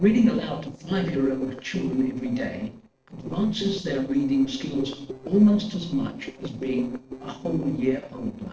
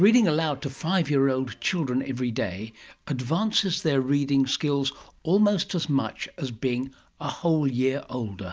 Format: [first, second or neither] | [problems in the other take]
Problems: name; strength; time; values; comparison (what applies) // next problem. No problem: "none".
second | noise reduction (neural separator model SepFormer DNS4)